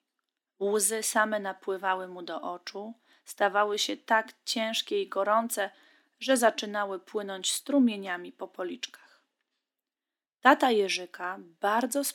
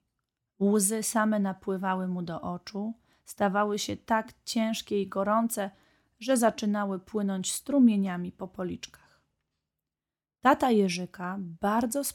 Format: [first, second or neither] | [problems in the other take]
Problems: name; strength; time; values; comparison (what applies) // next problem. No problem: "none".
second | thin; very slightly; fading below 250 Hz